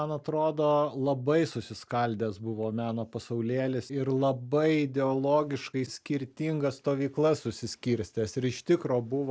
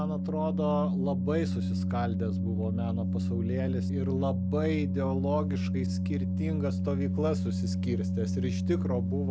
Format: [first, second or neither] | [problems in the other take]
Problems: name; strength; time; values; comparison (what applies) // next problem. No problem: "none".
first | background sound (Organ); 4 dB above the speech